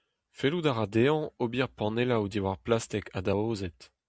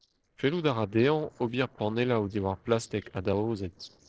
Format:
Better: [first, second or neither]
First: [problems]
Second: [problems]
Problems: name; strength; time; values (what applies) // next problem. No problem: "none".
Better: first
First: none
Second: noise reduction (neural separator model SepFormer DNS4)